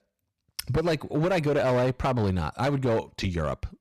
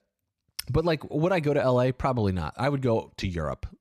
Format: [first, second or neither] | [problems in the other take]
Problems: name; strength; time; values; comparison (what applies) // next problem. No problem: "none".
second | distortion; slight; 12% of the sound clipped